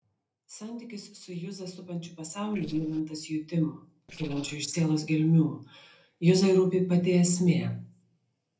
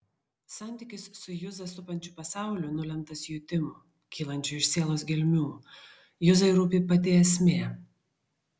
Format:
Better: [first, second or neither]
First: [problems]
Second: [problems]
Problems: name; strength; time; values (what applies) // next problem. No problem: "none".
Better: second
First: noise reduction (neural separator model SepFormer DNS4)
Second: none